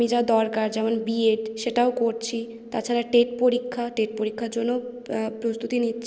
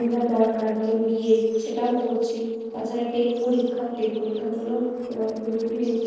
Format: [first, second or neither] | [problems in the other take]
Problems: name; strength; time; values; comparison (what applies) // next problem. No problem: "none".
first | noise reduction (neural separator model SepFormer DNS4)